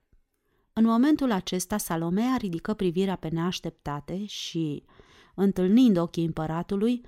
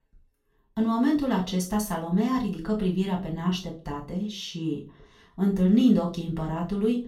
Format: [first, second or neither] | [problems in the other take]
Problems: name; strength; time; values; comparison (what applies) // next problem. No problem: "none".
first | off-mic speech; far // room echo; slight; dies away in 0.3 s